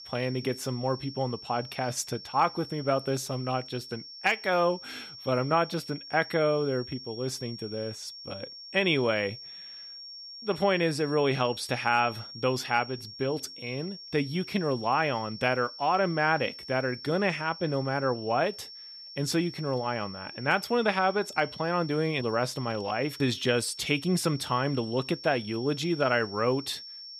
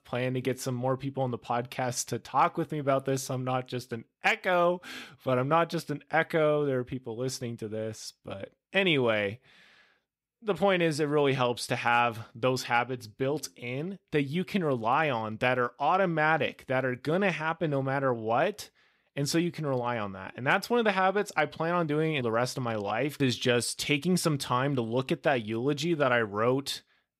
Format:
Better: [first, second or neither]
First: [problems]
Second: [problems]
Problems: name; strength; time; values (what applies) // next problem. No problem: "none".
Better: second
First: high-pitched whine; noticeable; throughout; 5.5 kHz, 15 dB below the speech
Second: none